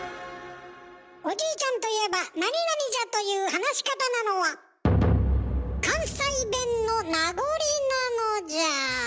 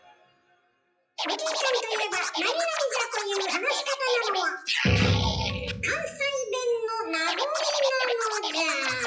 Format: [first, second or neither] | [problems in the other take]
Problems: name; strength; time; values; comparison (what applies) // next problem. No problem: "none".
first | noise reduction (classical method WPE with log-MMSE)